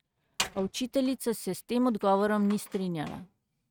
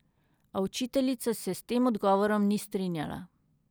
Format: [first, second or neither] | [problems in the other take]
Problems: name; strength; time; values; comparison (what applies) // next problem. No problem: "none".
second | noise reduction (neural mask model RNNoise)